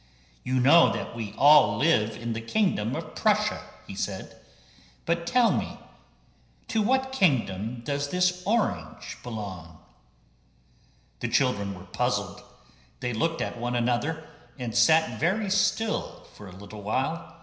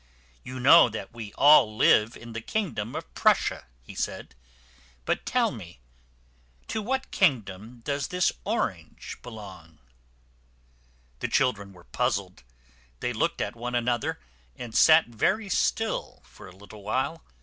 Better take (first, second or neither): second